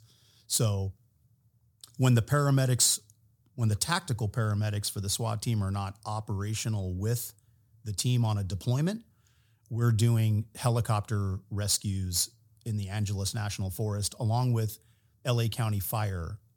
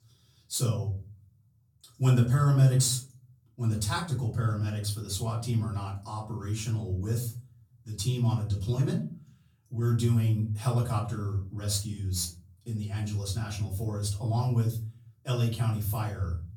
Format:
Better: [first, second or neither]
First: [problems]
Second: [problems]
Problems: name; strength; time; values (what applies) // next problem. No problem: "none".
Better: first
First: none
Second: off-mic speech; far // room echo; slight; dies away in 0.4 s